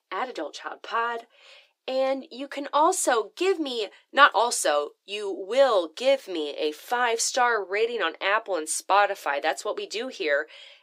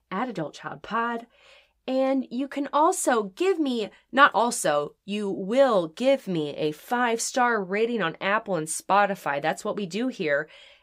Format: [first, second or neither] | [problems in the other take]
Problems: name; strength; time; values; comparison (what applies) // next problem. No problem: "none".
second | thin; somewhat; fading below 300 Hz